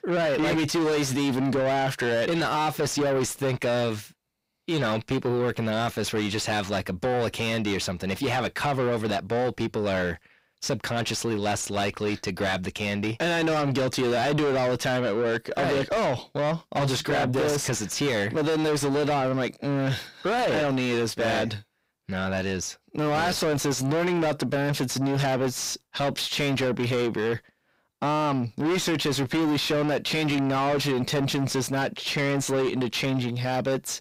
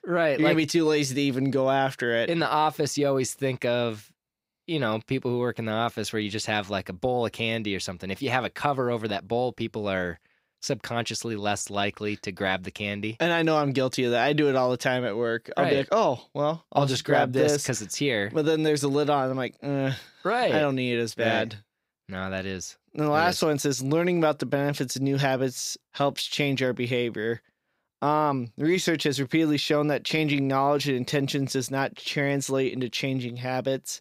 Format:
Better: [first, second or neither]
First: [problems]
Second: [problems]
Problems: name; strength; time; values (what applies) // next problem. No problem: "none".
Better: second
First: distortion; heavy; 6 dB below the speech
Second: none